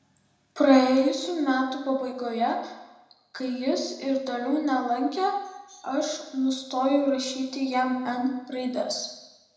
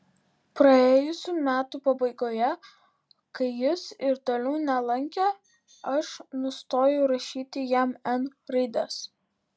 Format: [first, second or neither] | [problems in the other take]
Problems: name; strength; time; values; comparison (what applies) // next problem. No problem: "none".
second | room echo; dies away in 0.9 s